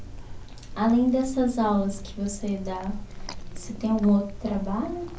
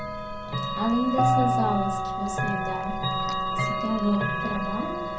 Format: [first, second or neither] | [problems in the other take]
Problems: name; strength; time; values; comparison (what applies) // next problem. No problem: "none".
first | background sound (Chime / Clock); 2 dB above the speech